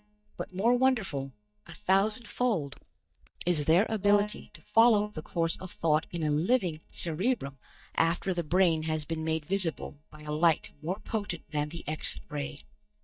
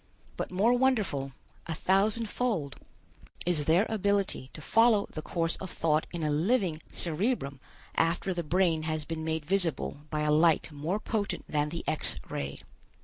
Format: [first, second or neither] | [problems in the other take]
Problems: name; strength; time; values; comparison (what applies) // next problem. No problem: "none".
second | noise reduction (neural mask model DeepFilterNet 3)